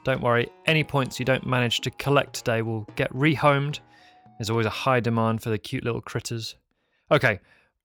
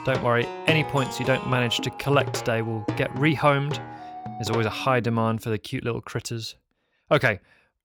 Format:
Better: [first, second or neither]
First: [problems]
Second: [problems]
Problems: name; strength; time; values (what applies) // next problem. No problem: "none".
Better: first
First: background music; faint; until 5 s; 25 dB below the speech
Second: background music; loud; until 5 s; 9 dB below the speech